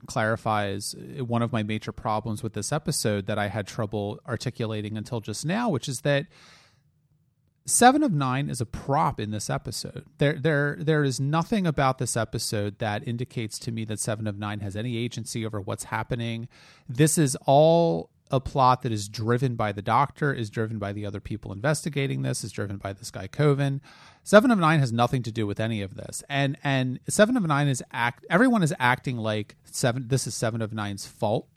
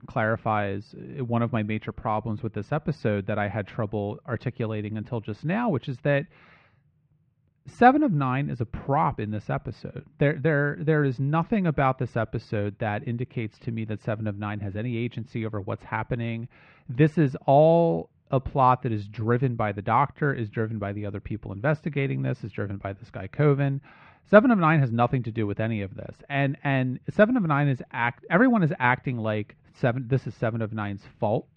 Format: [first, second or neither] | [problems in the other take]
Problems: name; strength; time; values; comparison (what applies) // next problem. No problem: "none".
first | muffled; very; fading above 2.5 kHz